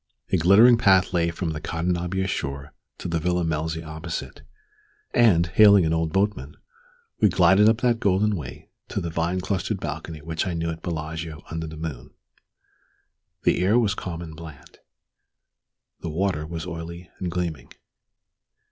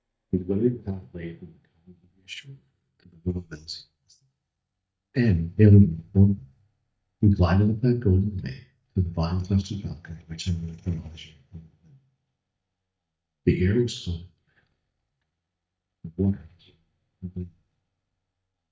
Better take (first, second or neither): first